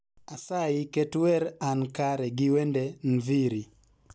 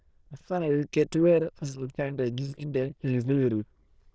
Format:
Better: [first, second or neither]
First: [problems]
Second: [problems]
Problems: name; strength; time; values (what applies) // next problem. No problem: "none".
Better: first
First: none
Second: noise reduction (neural diffusion model UNIVERSE++)